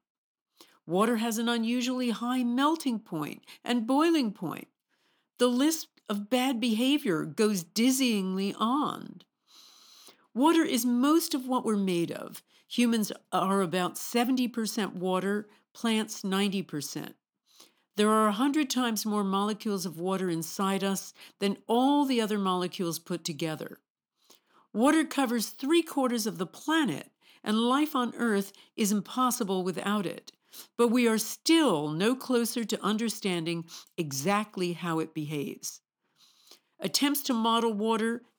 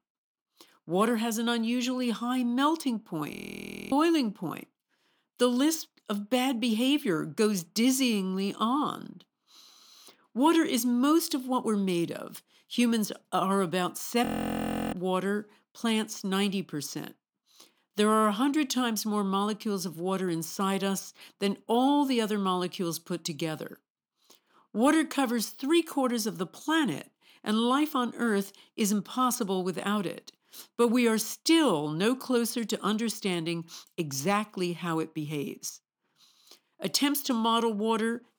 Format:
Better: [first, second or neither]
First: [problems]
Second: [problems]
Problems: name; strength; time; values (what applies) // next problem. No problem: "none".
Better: first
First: none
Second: audio freezing; at 3.5 s for 0.5 s and at 14 s for 0.5 s